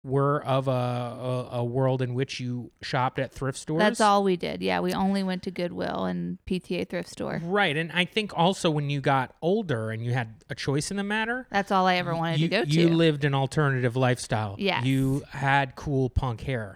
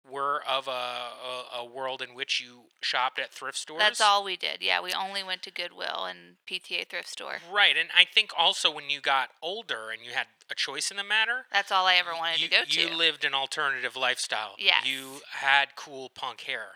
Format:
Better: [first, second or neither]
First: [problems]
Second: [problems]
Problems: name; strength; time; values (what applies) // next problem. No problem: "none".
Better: first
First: none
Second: thin; very; fading below 900 Hz